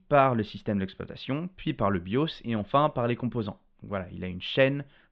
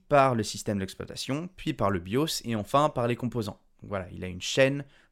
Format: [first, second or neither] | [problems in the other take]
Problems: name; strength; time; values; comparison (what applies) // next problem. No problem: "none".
second | muffled; very; fading above 3.5 kHz